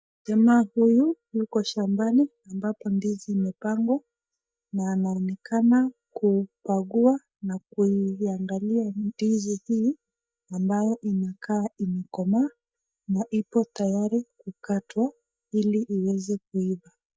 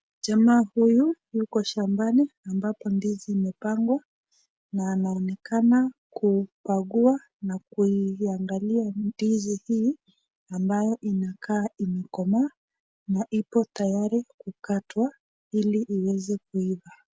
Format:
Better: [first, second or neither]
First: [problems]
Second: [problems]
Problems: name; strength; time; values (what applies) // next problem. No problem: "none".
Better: second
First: noise reduction (neural mask model DeepFilterNet 3)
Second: none